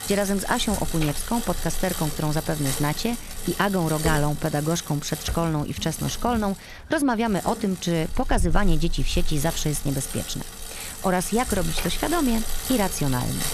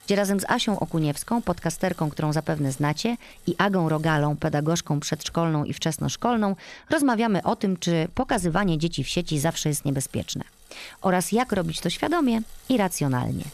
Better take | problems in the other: second | traffic noise; loud; throughout; 7 dB below the speech; faint in the second

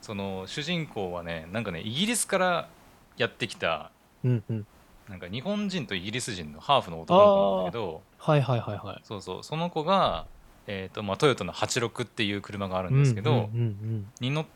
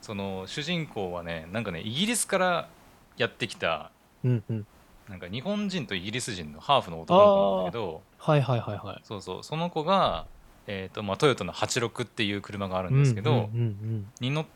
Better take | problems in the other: neither | hiss; faint; throughout; 30 dB below the speech; the same in both

